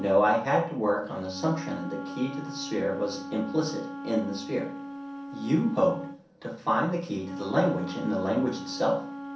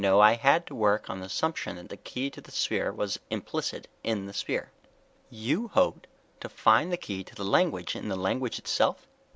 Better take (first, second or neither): second